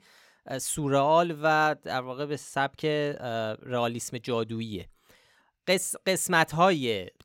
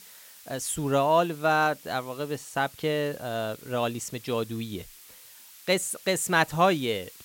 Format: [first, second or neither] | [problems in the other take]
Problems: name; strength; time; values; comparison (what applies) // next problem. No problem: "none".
first | hiss; faint; throughout; 20 dB below the speech